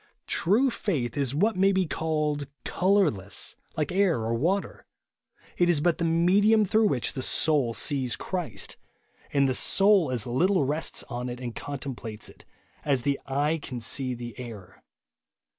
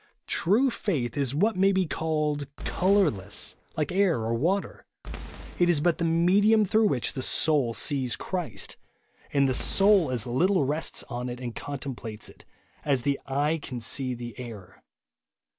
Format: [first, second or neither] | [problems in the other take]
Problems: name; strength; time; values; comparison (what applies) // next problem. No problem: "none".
first | background sound (Boom); 15 dB below the speech